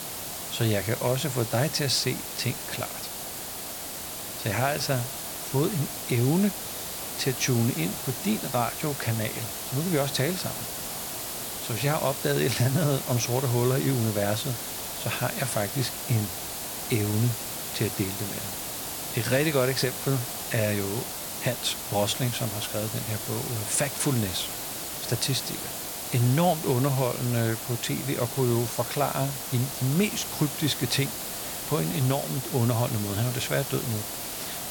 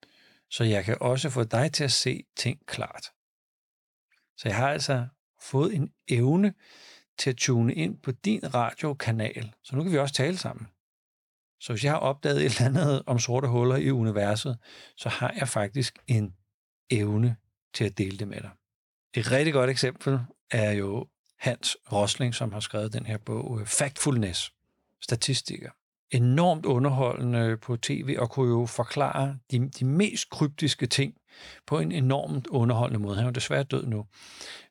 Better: second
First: hiss; loud; throughout; 4 dB below the speech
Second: none

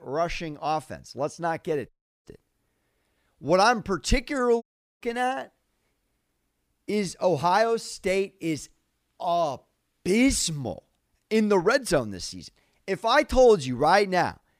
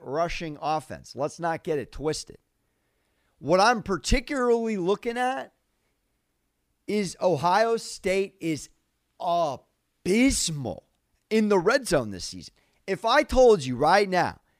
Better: second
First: audio cutting out; at 2 s and at 4.5 s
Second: none

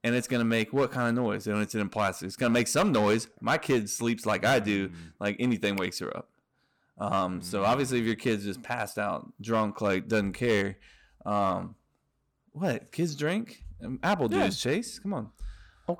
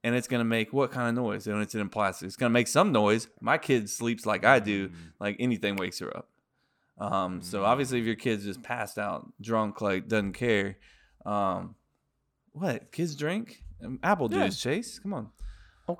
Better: second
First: distortion; slight; 3% of the sound clipped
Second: none

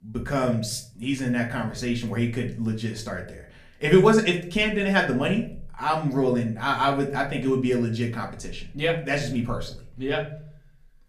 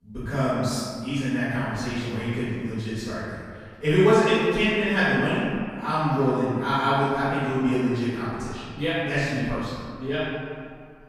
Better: first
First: room echo; slight; dies away in 0.4 s // off-mic speech; somewhat distant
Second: room echo; strong; dies away in 1.9 s // off-mic speech; far

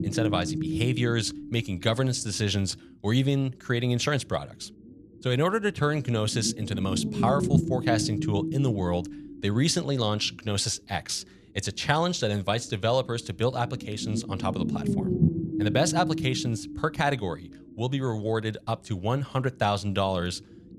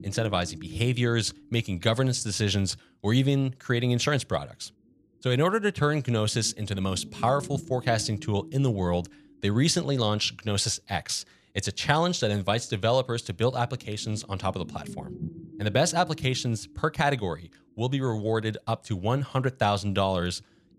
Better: second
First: low rumble; loud; throughout; 8 dB below the speech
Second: low rumble; faint; throughout; 20 dB below the speech

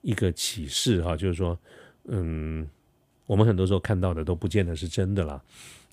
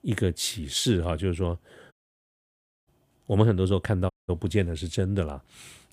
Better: first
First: none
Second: audio cutting out; at 2 s for 1 s and at 4 s

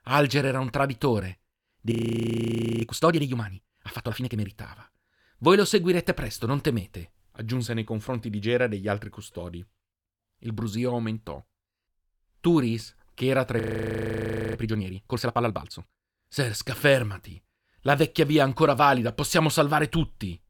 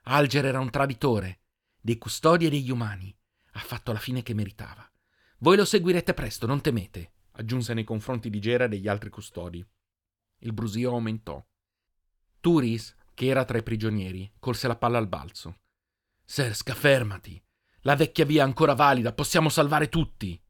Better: second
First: audio freezing; at 2 s for 1 s and at 14 s for 1 s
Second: none

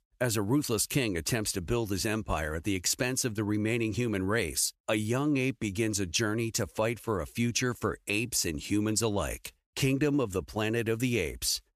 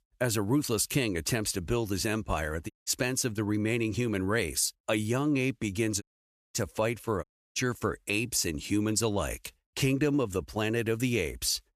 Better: first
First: none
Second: audio cutting out; at 2.5 s, at 6 s for 0.5 s and at 7 s

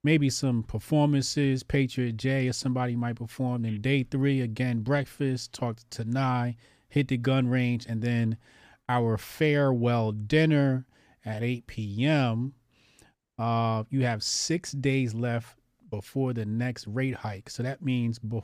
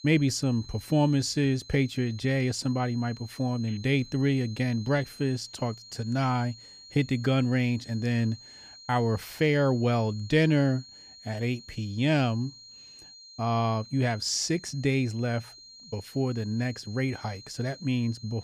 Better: first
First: none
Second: high-pitched whine; noticeable; throughout; 4 kHz, 20 dB below the speech

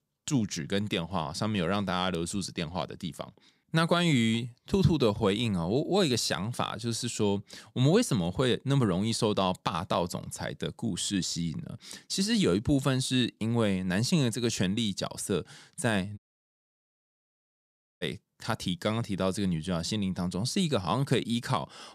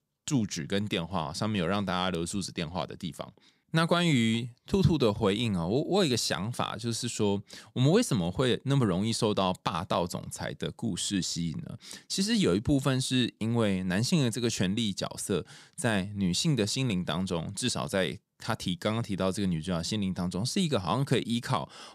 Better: second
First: audio cutting out; at 16 s for 2 s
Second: none

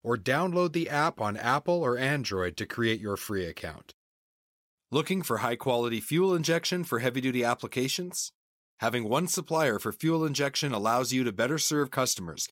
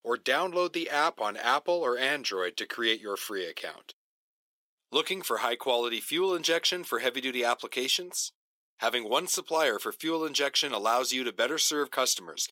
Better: first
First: none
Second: thin; somewhat; fading below 350 Hz

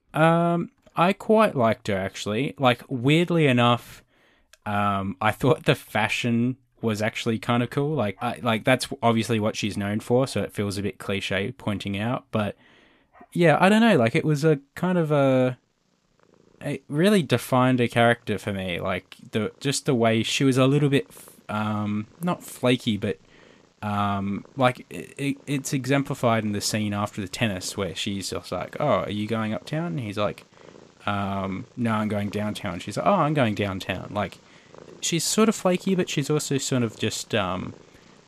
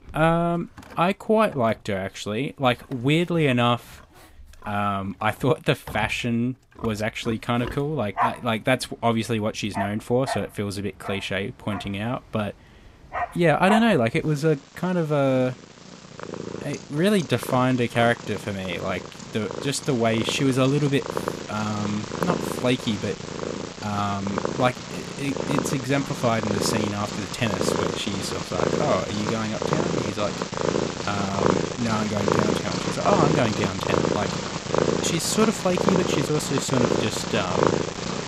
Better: first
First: animal sounds; faint; throughout; 30 dB below the speech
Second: animal sounds; loud; throughout; 3 dB below the speech

